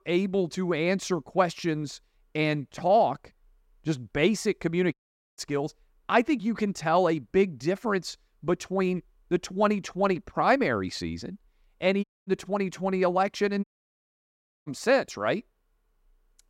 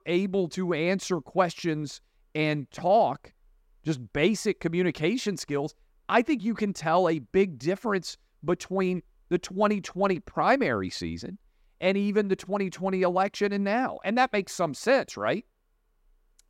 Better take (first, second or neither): second